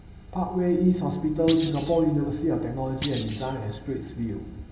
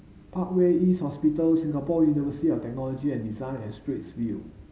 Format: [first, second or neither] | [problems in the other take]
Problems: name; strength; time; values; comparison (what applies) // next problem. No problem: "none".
second | background sound (Thump, thud); 14 dB below the speech // room echo; dies away in 1.9 s